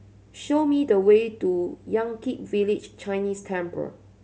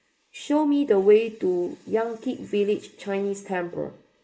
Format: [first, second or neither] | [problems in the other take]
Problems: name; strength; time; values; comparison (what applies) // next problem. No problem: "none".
first | noise reduction (neural mask model Resemble Enhance denoiser)